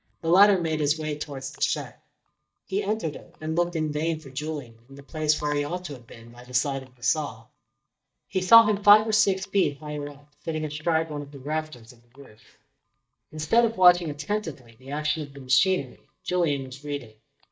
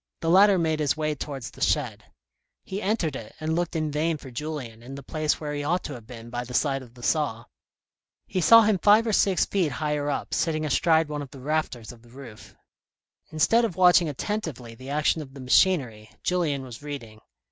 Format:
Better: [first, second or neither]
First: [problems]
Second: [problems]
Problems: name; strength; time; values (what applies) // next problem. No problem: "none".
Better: second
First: noise reduction (neural mask model DeepFilterNet 3)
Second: none